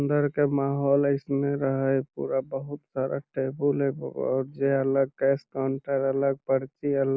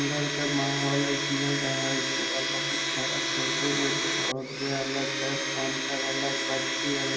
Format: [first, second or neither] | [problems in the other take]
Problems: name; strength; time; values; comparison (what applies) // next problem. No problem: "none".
first | background sound (Domestic sounds, home sounds); 2 dB above the speech // room echo; dies away in 2.7 s